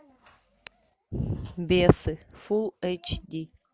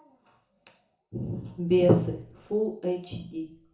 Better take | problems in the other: first | room echo; dies away in 0.5 s

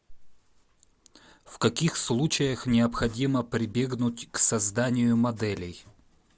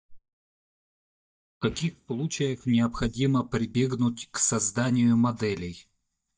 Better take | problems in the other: first | noise reduction (neural mask model DeepFilterNet 3)

